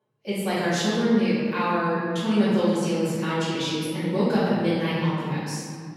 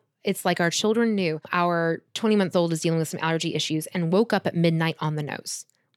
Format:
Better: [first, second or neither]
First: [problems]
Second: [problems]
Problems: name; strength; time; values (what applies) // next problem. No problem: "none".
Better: second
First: room echo; strong; dies away in 2 s // off-mic speech; far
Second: none